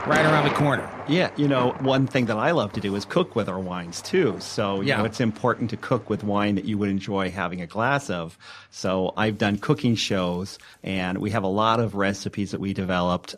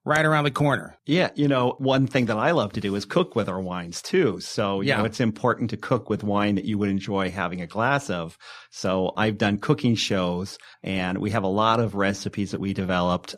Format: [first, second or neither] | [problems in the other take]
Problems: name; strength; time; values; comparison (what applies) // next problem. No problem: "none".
second | rain or running water; loud; throughout; 9 dB below the speech